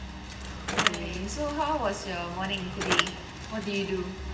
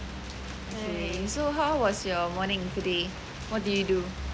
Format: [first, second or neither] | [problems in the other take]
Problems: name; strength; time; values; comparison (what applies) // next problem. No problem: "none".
second | background sound (Bicycle); 3 dB below the speech // room echo; dies away in 1.1 s